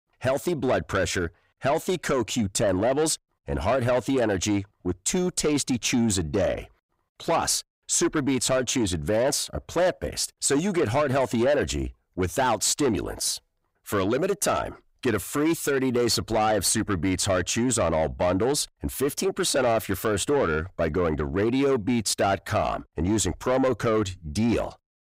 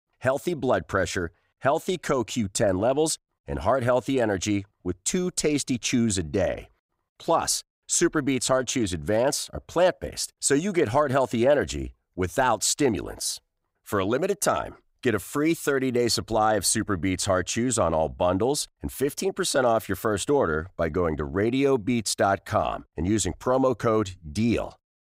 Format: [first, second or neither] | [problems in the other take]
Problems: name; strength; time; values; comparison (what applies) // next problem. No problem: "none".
second | distortion; slight; 10 dB below the speech